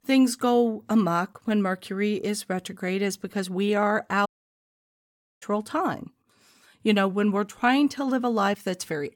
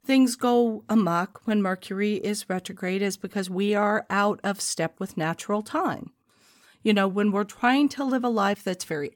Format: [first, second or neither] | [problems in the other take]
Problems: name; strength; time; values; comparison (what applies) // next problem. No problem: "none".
second | audio cutting out; at 4.5 s for 1 s